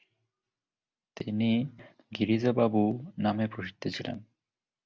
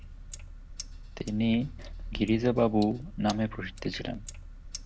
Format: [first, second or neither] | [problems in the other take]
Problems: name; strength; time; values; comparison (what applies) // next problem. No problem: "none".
first | background sound (Sink (filling or washing)); 11 dB below the speech